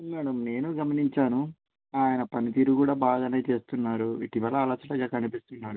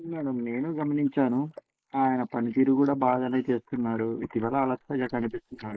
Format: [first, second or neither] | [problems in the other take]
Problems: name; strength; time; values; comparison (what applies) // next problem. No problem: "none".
first | noise reduction (neural mask model Resemble Enhance denoiser)